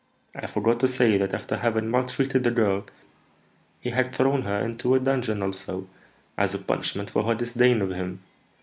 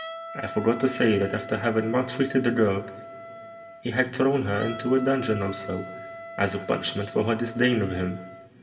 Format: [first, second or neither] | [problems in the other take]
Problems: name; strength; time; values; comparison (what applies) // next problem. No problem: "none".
first | background sound (Wind instrument, woodwind instrument); 14 dB below the speech // room echo; dies away in 1.9 s